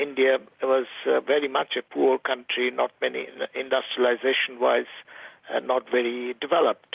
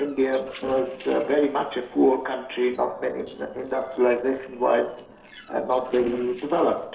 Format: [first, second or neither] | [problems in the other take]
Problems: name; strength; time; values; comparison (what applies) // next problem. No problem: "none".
first | noise reduction (neural separator model SepFormer DNS4)